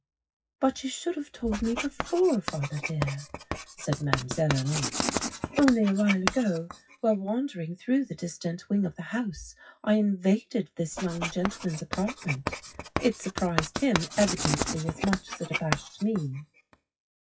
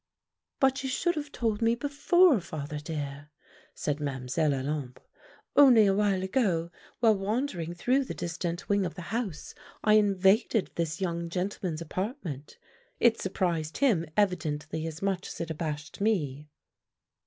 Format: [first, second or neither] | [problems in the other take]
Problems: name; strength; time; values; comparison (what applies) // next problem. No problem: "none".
second | noise reduction (classical method WPE with log-MMSE)